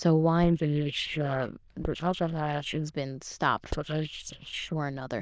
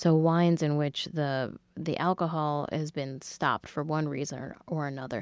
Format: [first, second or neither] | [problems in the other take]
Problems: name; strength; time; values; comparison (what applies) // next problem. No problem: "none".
second | noise reduction (neural diffusion model UNIVERSE++)